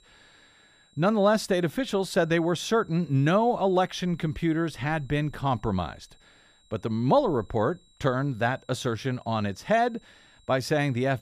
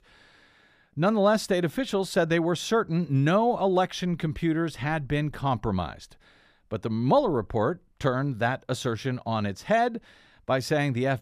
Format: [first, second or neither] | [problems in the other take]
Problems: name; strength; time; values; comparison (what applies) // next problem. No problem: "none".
second | high-pitched whine; faint; throughout; 4 kHz, 35 dB below the speech